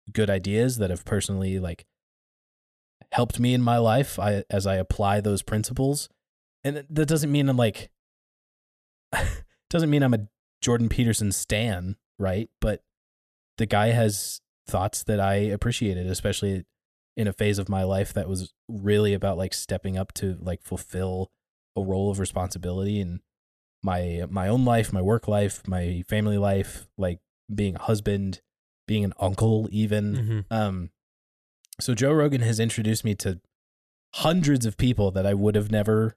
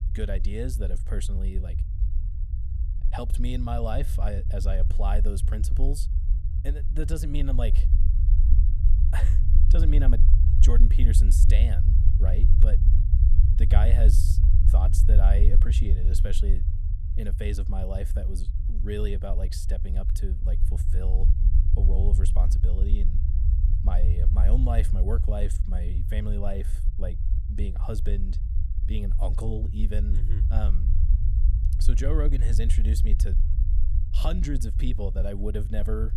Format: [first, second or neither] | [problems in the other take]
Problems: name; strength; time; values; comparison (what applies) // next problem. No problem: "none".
first | low rumble; loud; throughout; 6 dB below the speech